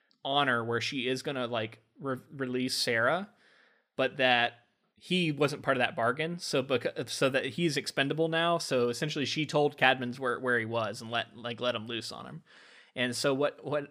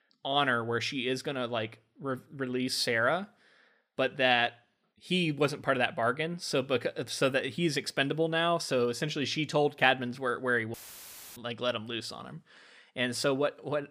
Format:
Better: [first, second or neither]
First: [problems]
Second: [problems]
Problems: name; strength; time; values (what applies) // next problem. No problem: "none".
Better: first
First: none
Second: audio cutting out; filled with static; at 11 s for 0.5 s